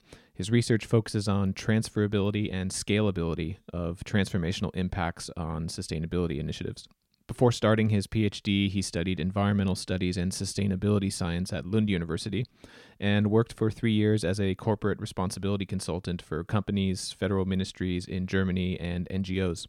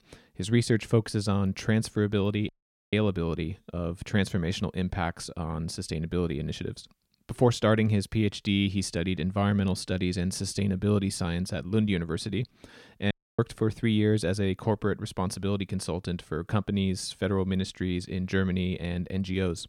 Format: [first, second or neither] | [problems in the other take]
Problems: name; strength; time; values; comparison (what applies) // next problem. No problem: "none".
first | audio cutting out; at 2.5 s and at 13 s